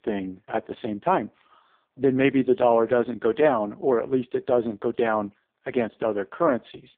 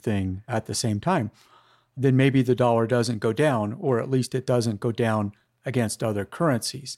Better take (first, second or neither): second